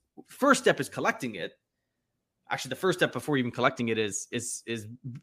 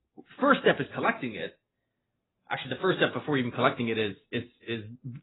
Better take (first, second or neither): first